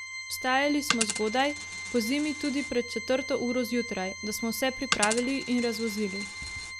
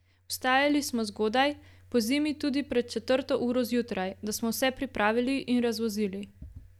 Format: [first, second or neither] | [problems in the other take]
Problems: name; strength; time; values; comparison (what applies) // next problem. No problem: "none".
second | background sound (Coin (dropping) + Organ); 6 dB below the speech